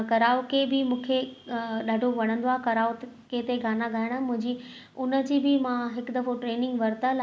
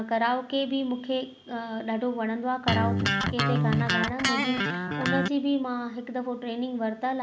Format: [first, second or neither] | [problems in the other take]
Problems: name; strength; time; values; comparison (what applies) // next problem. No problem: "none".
first | background sound (Electric guitar); 3 dB above the speech